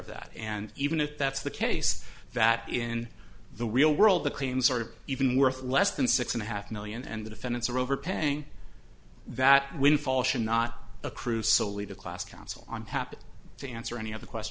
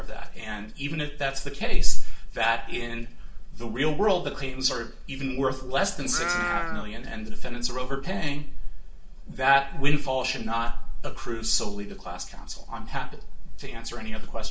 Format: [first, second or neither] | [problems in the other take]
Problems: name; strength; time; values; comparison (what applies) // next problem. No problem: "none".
first | background sound (Livestock, farm animals, working animals); 11 dB below the speech // room echo; dies away in 0.3 s